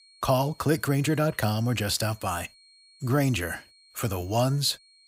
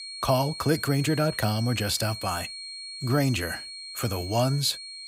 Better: first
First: high-pitched whine; faint; throughout; 4.5 kHz, 30 dB below the speech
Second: high-pitched whine; loud; throughout; 4.5 kHz, 10 dB below the speech

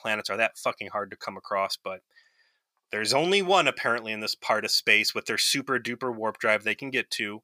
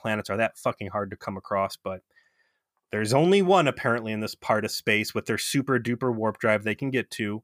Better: second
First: thin; somewhat; fading below 1 kHz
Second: none

